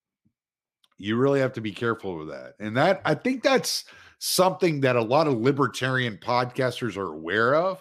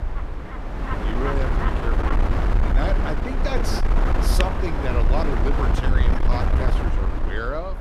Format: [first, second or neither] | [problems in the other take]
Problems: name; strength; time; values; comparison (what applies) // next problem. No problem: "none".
first | wind noise on the microphone; heavy; 1 dB above the speech